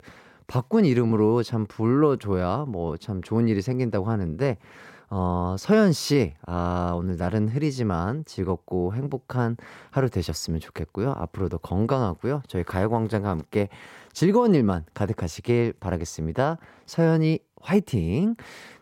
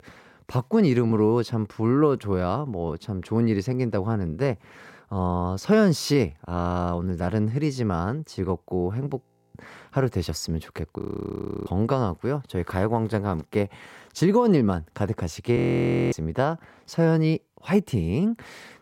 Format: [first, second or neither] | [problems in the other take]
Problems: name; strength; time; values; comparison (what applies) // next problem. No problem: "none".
first | audio freezing; at 9 s, at 11 s for 0.5 s and at 16 s for 0.5 s